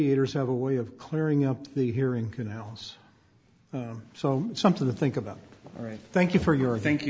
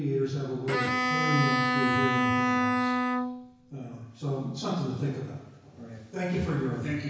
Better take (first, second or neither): first